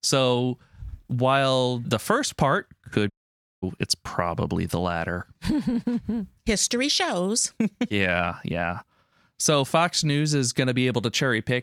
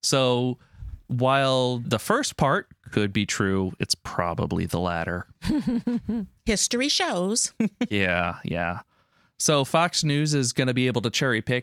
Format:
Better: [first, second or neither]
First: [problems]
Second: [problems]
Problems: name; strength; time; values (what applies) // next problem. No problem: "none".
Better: second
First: audio cutting out; at 3 s for 0.5 s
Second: none